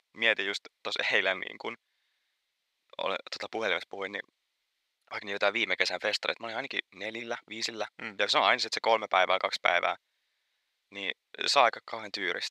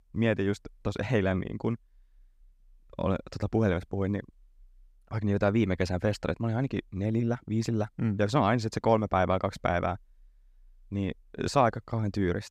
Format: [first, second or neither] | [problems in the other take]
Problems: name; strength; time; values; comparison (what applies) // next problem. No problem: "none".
second | thin; very; fading below 650 Hz